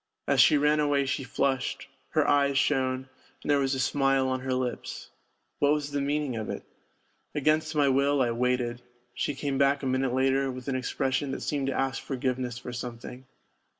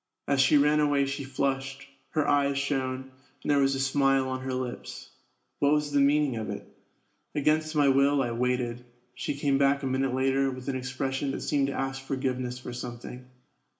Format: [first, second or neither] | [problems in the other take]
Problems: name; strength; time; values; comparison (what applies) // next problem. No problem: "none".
first | room echo; dies away in 0.4 s